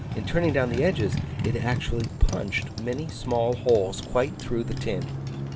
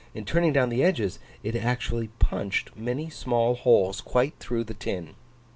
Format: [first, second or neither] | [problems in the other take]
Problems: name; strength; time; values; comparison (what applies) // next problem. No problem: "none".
second | background sound (Motorcycle); 5 dB below the speech